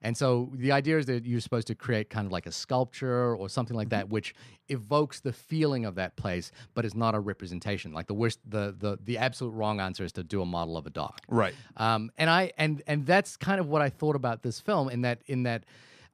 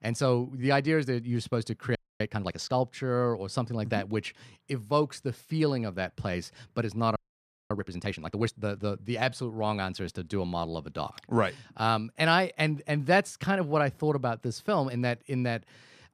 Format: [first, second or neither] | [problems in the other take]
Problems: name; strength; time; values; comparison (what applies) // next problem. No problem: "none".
first | audio freezing; at 2 s and at 7 s for 0.5 s